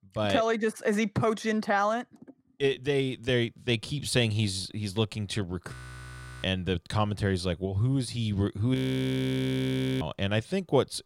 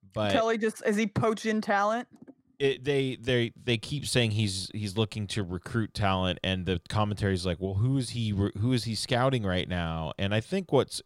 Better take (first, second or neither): second